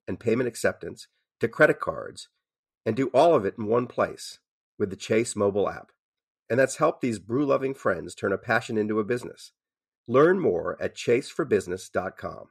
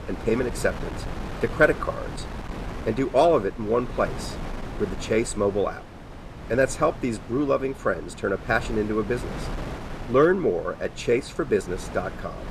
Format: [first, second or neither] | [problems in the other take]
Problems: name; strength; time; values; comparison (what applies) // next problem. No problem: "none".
first | wind noise on the microphone; occasional gusts; 15 dB below the speech